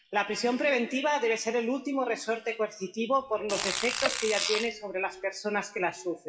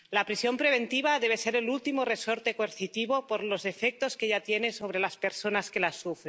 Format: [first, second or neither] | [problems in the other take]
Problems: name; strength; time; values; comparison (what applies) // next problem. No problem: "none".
second | noise reduction (classical method WPE with log-MMSE)